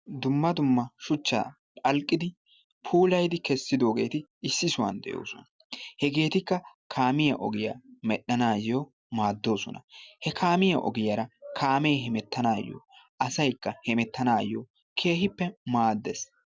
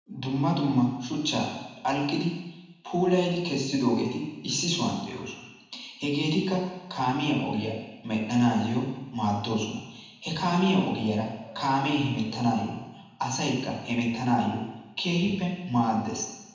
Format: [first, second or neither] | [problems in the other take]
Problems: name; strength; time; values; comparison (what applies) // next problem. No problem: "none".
first | room echo; dies away in 1 s